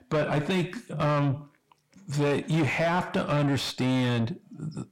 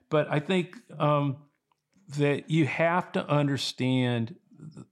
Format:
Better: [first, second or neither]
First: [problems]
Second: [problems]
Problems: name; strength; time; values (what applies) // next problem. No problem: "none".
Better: second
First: distortion; heavy; 7 dB below the speech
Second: none